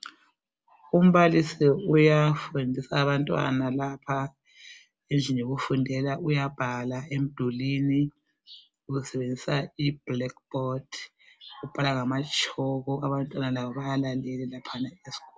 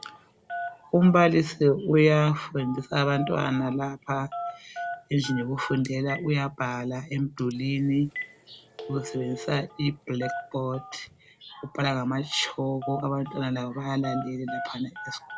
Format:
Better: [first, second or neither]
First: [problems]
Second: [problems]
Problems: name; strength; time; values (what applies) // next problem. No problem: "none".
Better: first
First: none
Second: background sound (Telephone); 13 dB below the speech